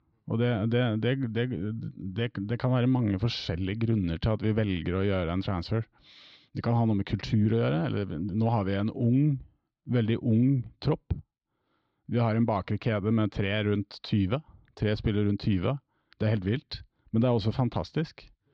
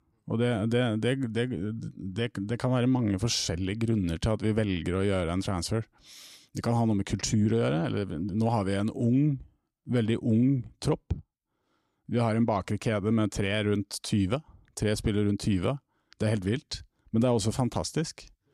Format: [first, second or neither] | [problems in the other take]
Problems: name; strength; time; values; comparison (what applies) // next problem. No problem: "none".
second | muffled; very slightly; fading above 4 kHz